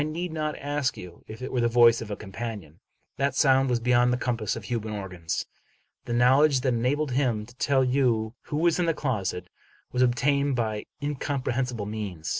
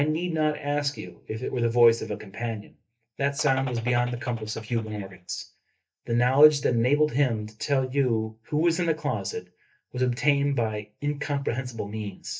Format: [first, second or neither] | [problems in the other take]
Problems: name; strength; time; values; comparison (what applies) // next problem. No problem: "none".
first | noise reduction (neural mask model DeepFilterNet 3)